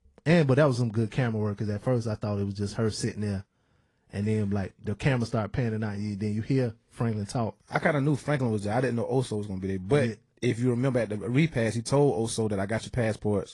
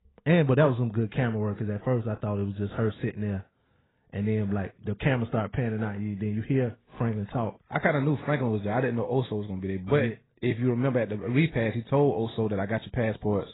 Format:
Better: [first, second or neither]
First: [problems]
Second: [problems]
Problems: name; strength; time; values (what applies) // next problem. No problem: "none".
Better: first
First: garbled, watery; slightly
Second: garbled, watery; badly; nothing above 4 kHz